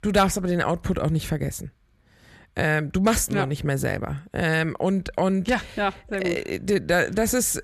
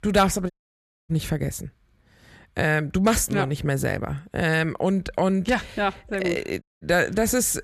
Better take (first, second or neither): first